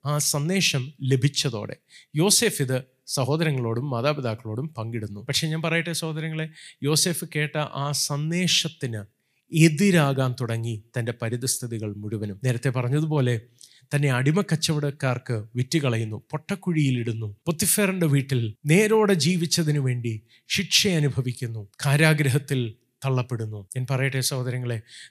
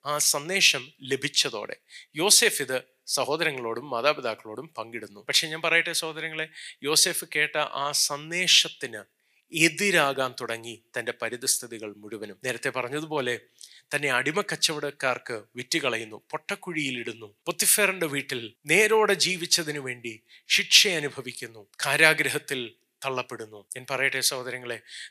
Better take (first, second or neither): first